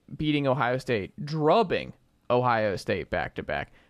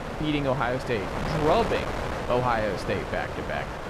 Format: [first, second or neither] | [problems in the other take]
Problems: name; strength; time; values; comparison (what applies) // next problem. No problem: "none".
first | wind noise on the microphone; heavy; 4 dB below the speech